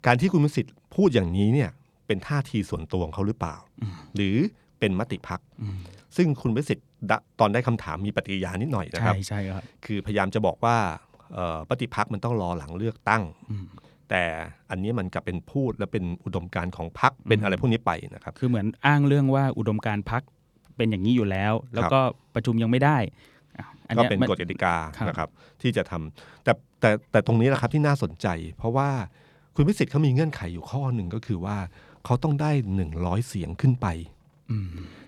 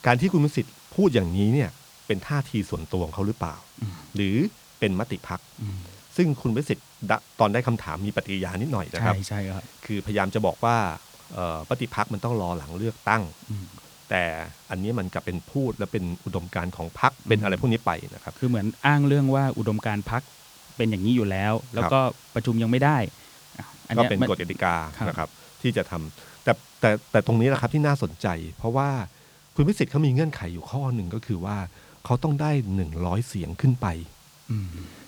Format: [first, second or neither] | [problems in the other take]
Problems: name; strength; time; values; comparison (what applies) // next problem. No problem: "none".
first | hiss; faint; throughout; 25 dB below the speech